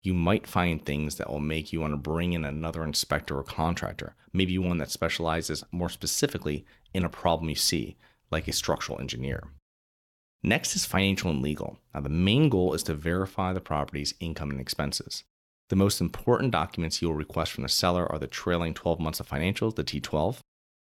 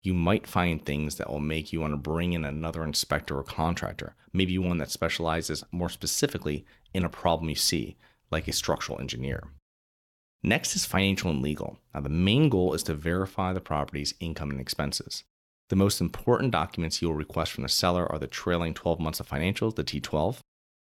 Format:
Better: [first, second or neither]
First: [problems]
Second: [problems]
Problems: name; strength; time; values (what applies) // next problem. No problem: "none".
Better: neither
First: none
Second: none